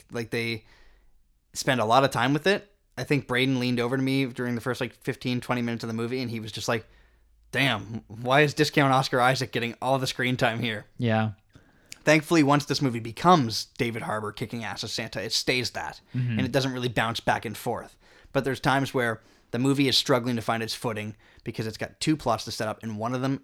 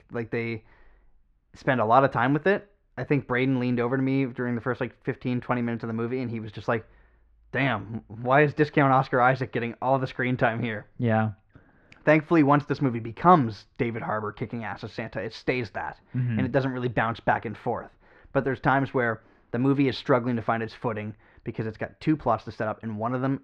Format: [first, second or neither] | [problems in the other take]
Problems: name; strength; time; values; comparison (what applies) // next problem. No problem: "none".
first | muffled; very; fading above 1.5 kHz